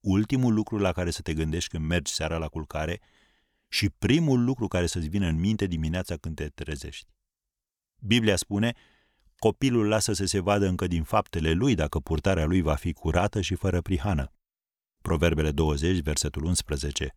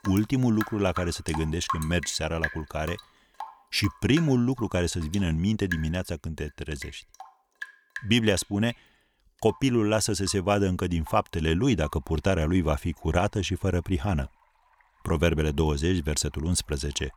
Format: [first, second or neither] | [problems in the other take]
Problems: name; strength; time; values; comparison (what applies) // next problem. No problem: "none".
first | rain or running water; noticeable; throughout; 15 dB below the speech